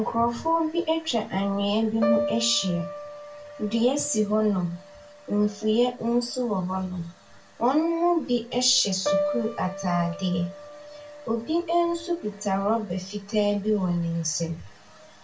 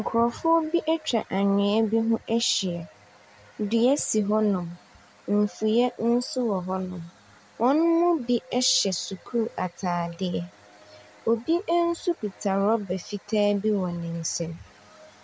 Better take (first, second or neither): second